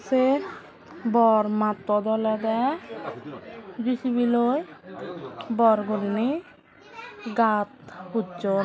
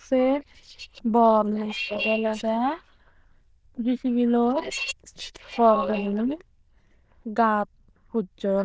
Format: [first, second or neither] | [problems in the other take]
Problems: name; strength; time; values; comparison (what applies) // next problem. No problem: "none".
first | noise reduction (neural diffusion model UNIVERSE++)